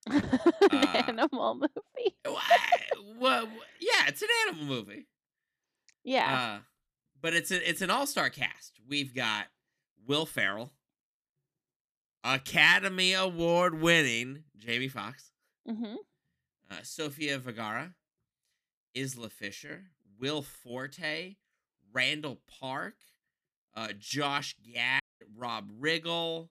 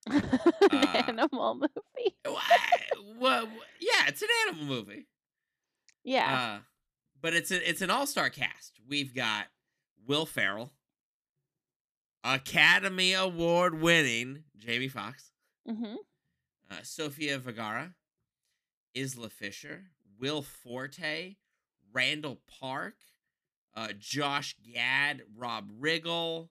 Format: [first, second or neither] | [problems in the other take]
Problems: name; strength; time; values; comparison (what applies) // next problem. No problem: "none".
second | audio cutting out; at 25 s